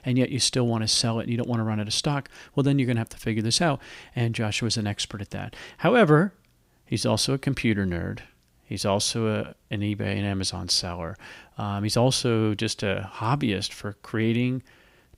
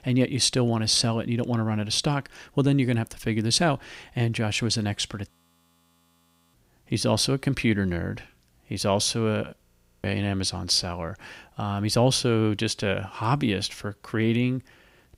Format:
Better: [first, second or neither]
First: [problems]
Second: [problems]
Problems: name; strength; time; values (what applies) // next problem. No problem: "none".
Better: first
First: none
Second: audio freezing; at 5.5 s for 1 s and at 9.5 s